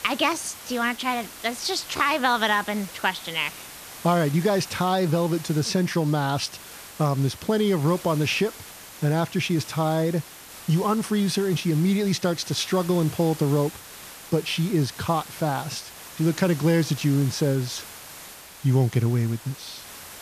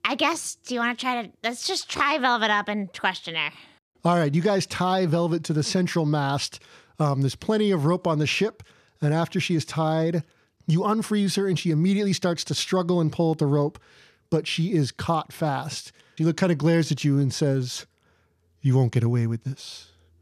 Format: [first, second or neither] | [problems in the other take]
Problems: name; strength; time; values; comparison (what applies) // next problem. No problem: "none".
second | hiss; noticeable; throughout; 15 dB below the speech